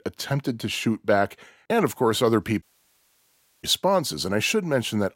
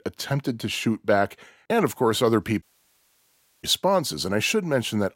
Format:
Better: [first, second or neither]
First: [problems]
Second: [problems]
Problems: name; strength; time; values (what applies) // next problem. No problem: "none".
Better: neither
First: audio cutting out; at 2.5 s for 1 s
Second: audio cutting out; at 2.5 s for 1 s